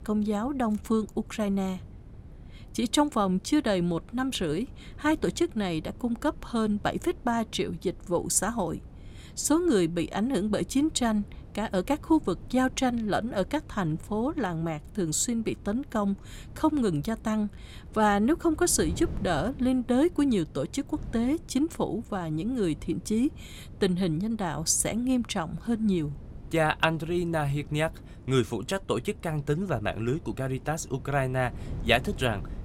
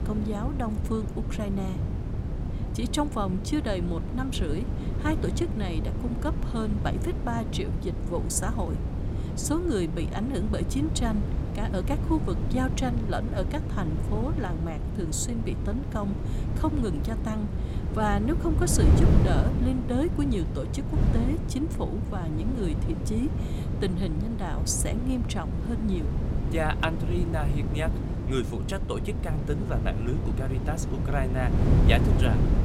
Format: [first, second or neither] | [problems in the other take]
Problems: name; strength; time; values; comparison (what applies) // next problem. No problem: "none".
first | wind noise on the microphone; heavy; 5 dB below the speech; occasional gusts in the first